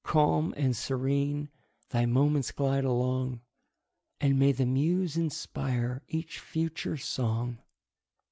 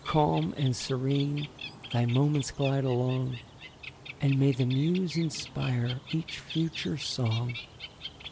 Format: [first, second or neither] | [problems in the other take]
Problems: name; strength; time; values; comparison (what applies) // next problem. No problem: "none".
first | background sound (Bird); 14 dB below the speech